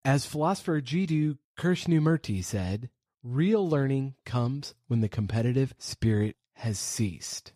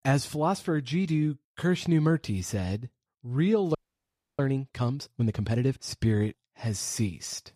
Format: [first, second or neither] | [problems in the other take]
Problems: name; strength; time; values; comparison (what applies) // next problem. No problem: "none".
first | audio freezing; at 4 s for 0.5 s